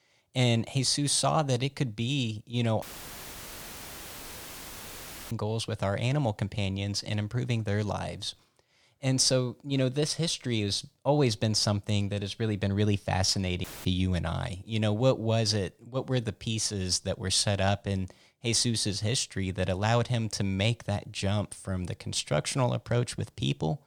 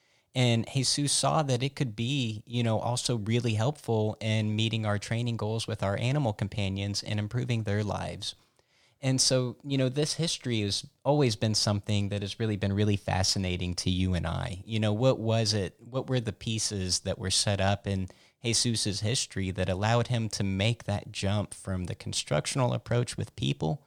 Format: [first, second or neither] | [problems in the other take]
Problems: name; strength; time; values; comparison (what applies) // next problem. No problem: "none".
second | audio cutting out; filled with static; at 3 s for 2.5 s and at 14 s